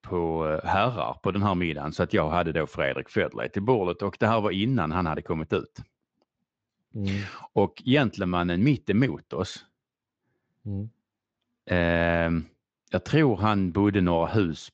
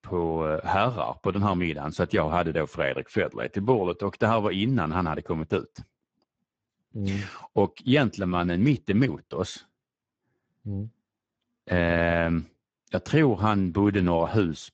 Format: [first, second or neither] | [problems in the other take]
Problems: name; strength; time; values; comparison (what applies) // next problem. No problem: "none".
first | garbled, watery; badly; nothing above 7.5 kHz; slightly in the first